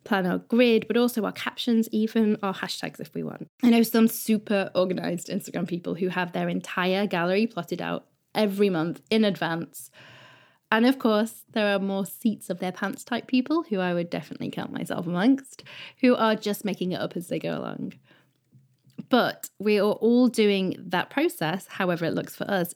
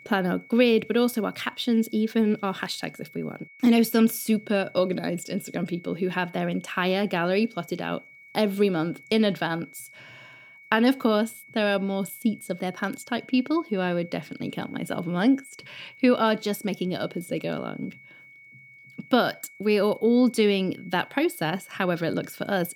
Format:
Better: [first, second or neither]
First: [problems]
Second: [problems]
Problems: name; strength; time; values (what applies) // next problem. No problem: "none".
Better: first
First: none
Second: high-pitched whine; faint; throughout; 2 kHz, 20 dB below the speech